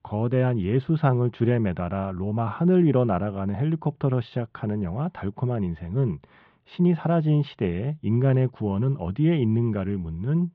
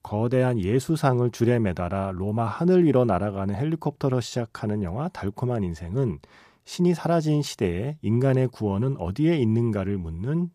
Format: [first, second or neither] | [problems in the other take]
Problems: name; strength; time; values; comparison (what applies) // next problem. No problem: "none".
second | muffled; very; fading above 3.5 kHz